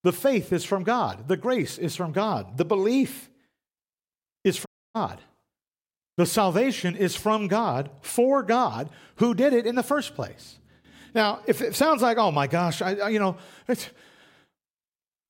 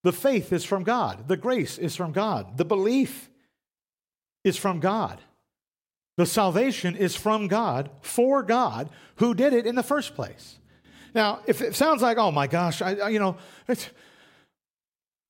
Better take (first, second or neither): second